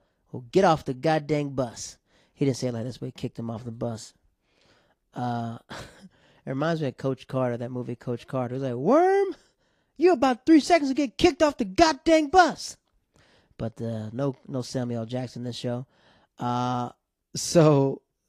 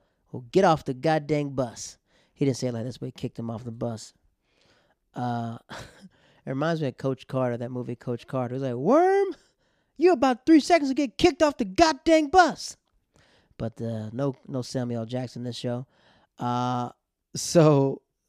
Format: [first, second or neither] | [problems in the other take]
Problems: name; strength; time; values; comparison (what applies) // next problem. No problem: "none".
second | garbled, watery; slightly; nothing above 14.5 kHz